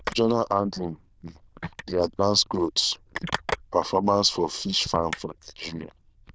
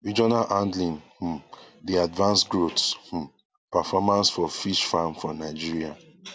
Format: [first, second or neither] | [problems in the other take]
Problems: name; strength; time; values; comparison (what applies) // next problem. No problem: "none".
second | noise reduction (neural diffusion model UNIVERSE++)